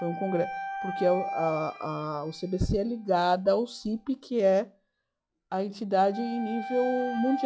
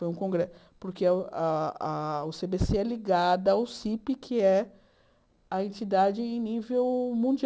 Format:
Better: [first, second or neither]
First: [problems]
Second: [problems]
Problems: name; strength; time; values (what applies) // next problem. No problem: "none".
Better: second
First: noise reduction (classical method log-MMSE)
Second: none